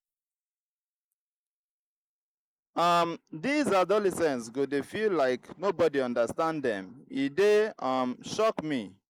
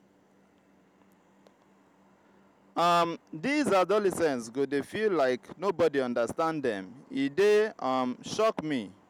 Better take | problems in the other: second | noise reduction (neural mask model Resemble Enhance denoiser)

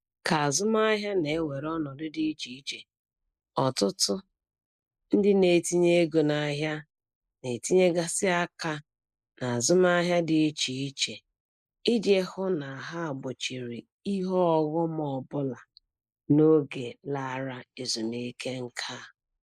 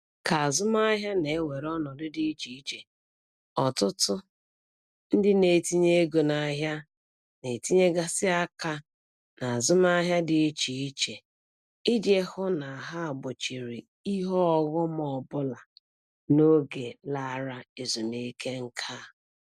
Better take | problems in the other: second | noise reduction (neural mask model Resemble Enhance denoiser)

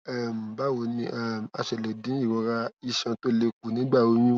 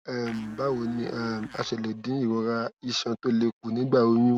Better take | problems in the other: first | background sound (Domestic sounds, home sounds); 17 dB below the speech

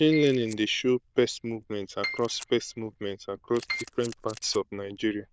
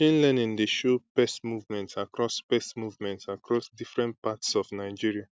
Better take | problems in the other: second | noise reduction (neural diffusion model UNIVERSE++)

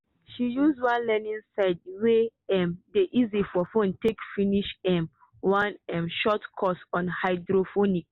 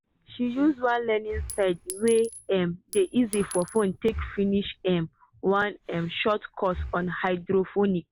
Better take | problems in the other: first | background sound (Breathing + Chink, clink); 15 dB below the speech

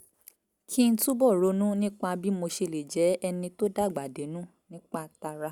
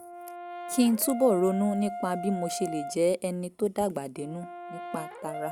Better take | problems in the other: first | background sound (Brass instrument); 10 dB below the speech

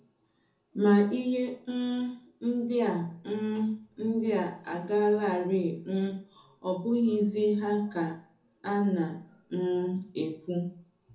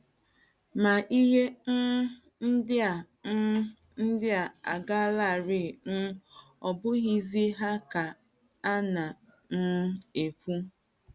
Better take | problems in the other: second | room echo; dies away in 0.6 s

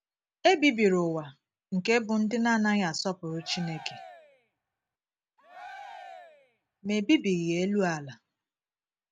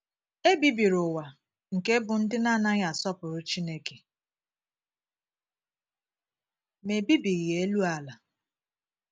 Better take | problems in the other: second | background sound (Cheering); 18 dB below the speech

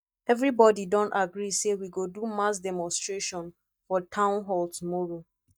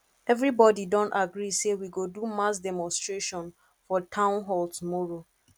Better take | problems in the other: second | noise reduction (neural mask model DeepFilterNet 3)

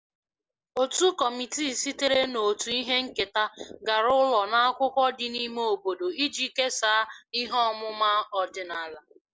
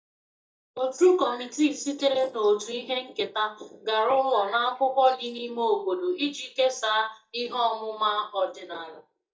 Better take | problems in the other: first | noise reduction (neural mask model DeepFilterNet 3)

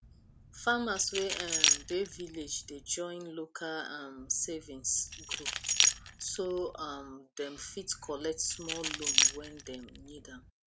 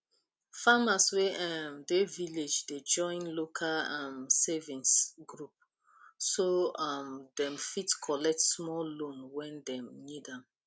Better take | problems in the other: second | background sound (Keys jangling); 3 dB above the speech

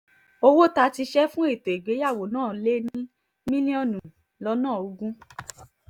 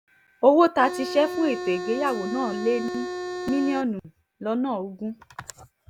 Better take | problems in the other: first | background sound (Organ); 6 dB below the speech

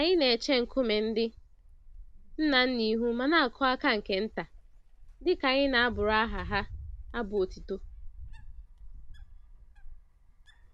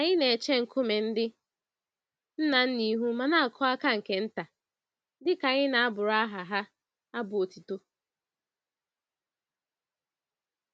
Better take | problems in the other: second | background sound (Wind); 14 dB below the speech

